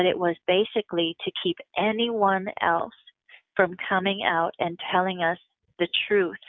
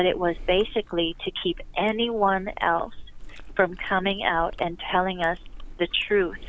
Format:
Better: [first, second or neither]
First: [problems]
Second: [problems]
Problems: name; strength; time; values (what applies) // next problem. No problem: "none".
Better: first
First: none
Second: background sound (Chewing, mastication); 14 dB below the speech